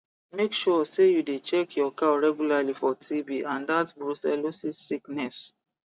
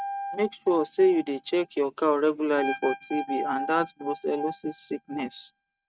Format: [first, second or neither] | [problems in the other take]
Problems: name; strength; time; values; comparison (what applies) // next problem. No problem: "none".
first | noise reduction (neural mask model RNNoise)